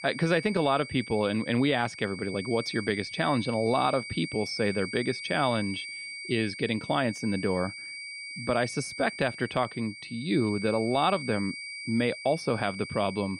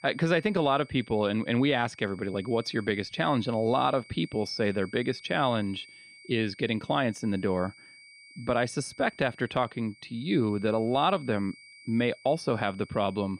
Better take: second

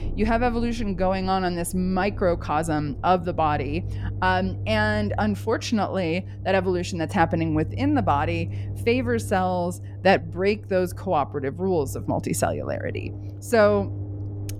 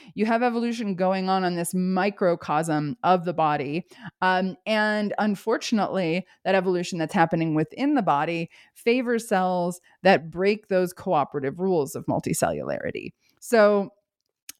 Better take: second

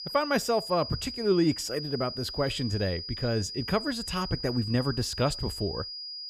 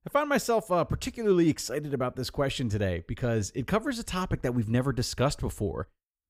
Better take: second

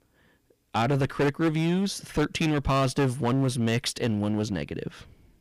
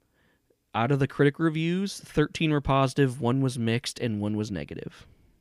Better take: second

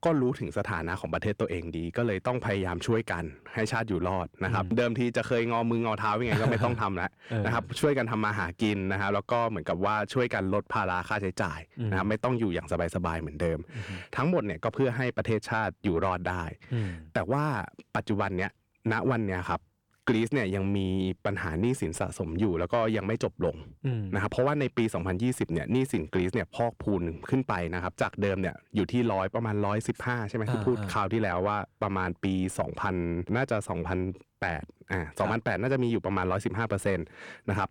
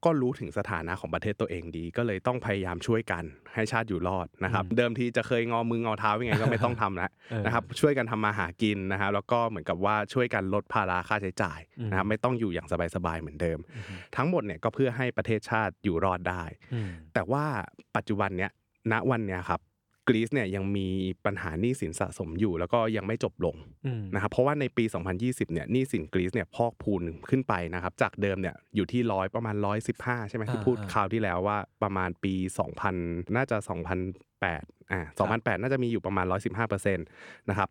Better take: second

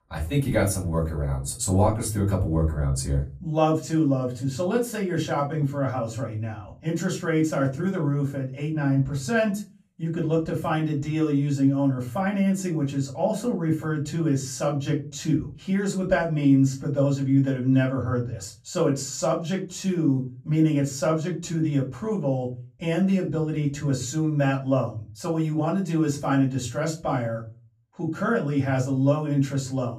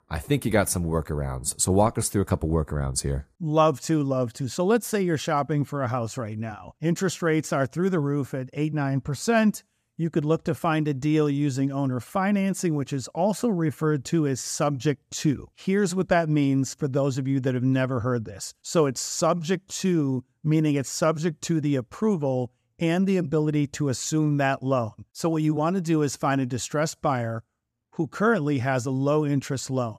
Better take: second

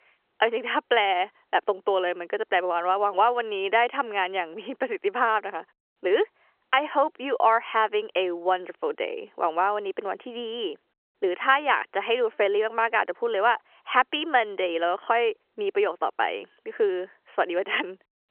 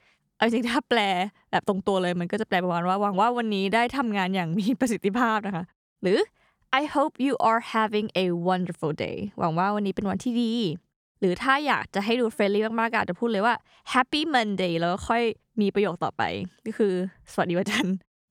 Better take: second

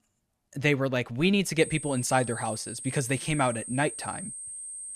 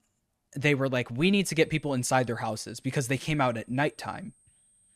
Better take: second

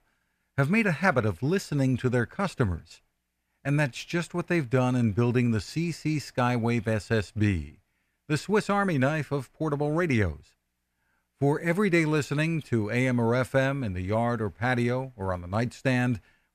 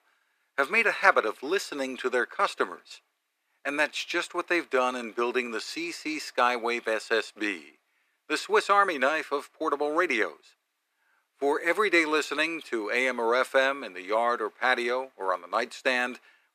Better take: first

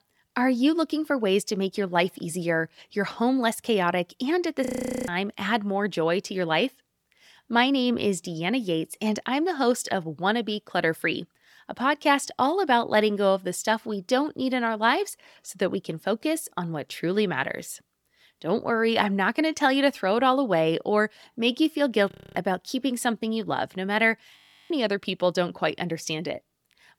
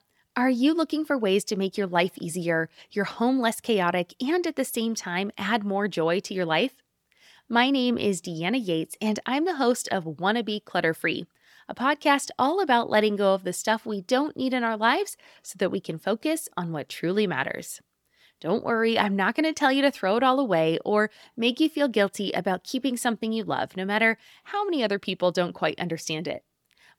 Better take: second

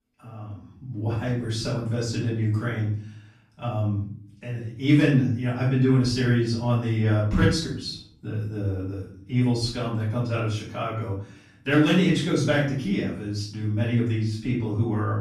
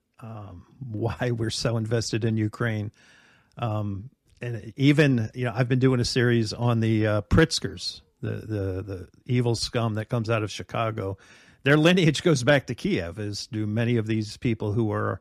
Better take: second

